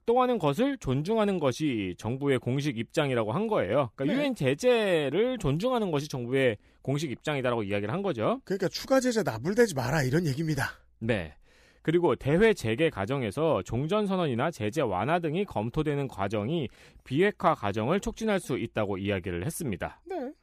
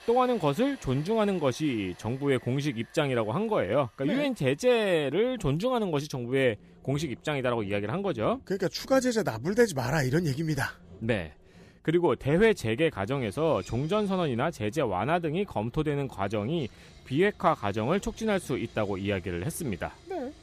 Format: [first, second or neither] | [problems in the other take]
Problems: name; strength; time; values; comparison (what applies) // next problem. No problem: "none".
first | machinery noise; faint; throughout; 25 dB below the speech